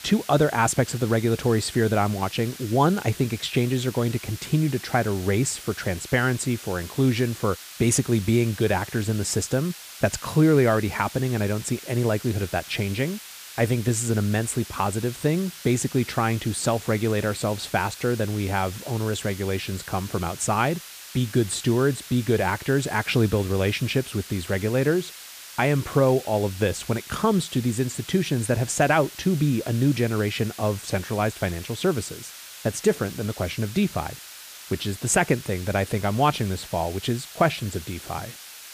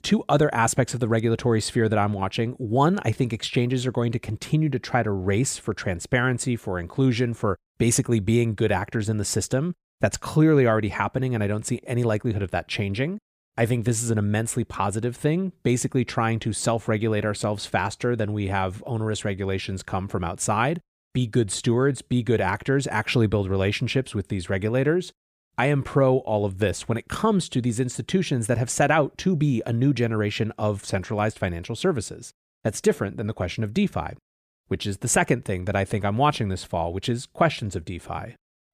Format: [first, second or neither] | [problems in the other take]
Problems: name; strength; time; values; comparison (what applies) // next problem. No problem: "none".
second | hiss; noticeable; throughout; 15 dB below the speech